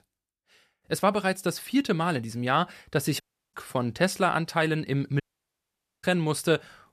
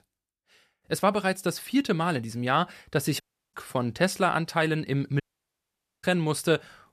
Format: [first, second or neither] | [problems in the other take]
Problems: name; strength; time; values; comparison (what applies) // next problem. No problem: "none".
neither | audio cutting out; at 3 s and at 5 s for 1 s; the same in both